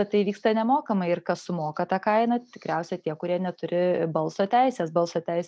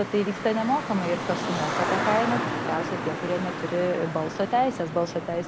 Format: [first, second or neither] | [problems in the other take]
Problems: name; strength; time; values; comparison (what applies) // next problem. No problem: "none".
first | background sound (Traffic noise, roadway noise); 4 dB below the speech